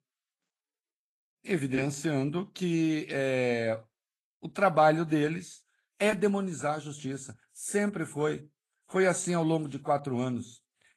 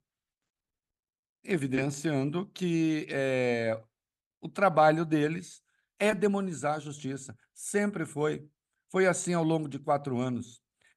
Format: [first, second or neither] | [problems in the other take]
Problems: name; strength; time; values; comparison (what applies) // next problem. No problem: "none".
second | garbled, watery; slightly